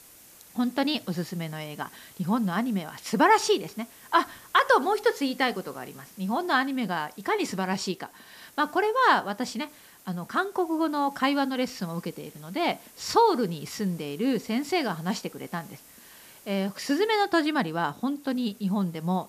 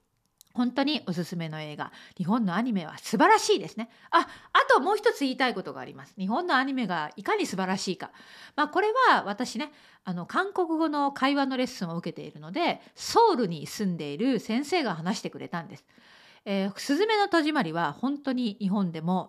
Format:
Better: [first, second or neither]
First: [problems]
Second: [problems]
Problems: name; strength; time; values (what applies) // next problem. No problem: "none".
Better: second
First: hiss; faint; throughout; 25 dB below the speech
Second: none